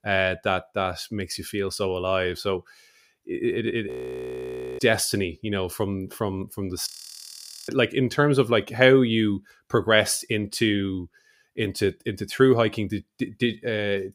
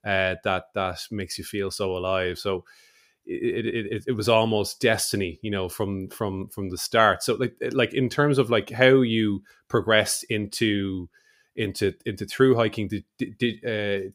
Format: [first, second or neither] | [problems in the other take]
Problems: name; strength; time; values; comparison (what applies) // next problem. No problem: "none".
second | audio freezing; at 4 s for 1 s and at 7 s for 1 s